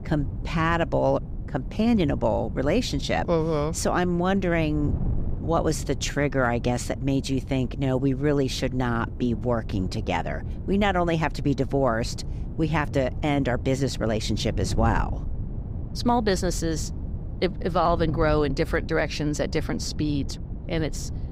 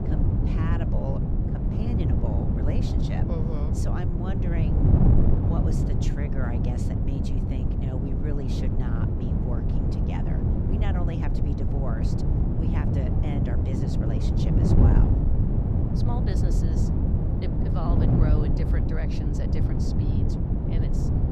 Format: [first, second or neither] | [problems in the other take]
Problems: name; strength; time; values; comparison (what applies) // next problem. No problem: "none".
first | wind noise on the microphone; heavy; 4 dB above the speech; occasional gusts in the first